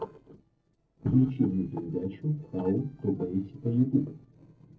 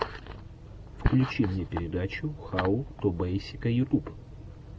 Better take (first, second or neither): second